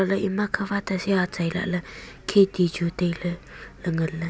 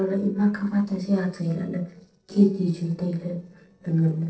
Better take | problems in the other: first | noise reduction (neural separator model SepFormer DNS4)

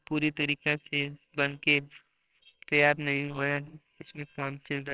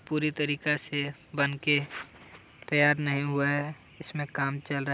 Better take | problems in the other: second | noise reduction (neural separator model SepFormer WHAMR!)

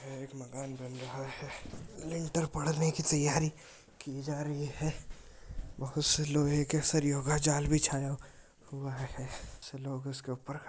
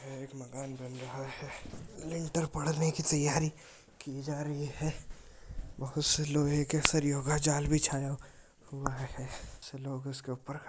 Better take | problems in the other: first | noise reduction (neural mask model Resemble Enhance denoiser)

